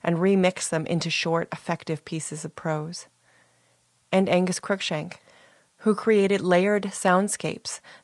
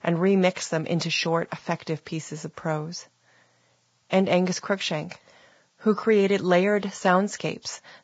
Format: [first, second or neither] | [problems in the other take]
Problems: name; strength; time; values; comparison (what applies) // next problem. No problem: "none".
first | garbled, watery; badly; nothing above 7.5 kHz; slightly in the first